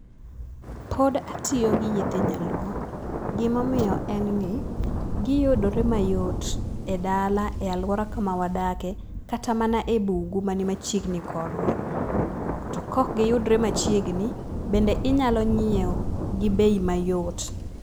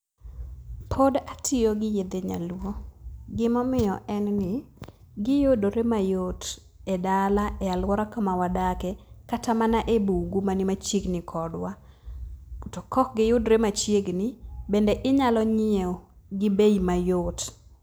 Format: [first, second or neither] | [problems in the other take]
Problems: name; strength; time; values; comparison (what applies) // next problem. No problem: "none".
second | background sound (Thunder); 4 dB below the speech